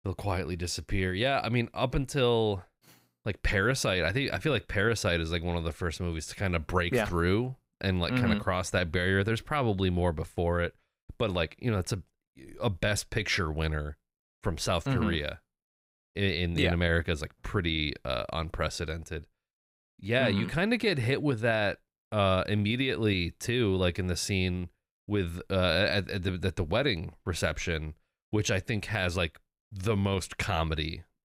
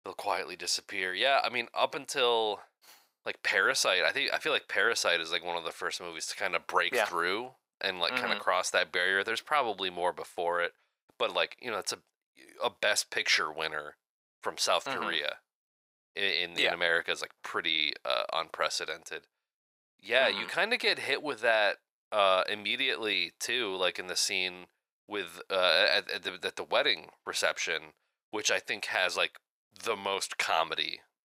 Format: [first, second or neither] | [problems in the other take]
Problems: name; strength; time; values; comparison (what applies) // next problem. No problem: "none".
first | thin; very; fading below 700 Hz